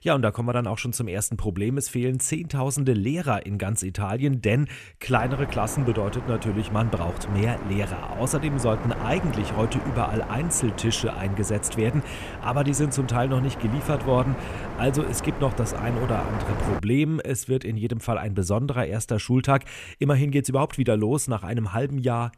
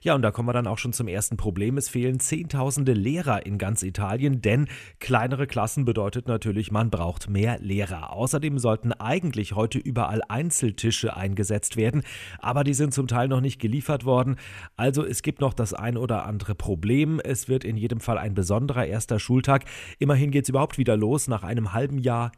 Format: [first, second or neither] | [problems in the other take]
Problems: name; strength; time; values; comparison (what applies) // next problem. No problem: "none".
second | wind noise on the microphone; heavy; from 5 to 17 s; 7 dB below the speech